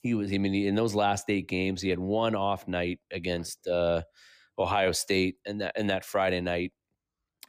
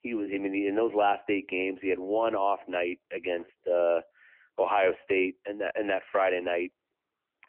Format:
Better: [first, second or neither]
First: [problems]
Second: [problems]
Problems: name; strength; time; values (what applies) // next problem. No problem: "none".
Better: first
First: none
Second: phone-call audio; nothing above 3 kHz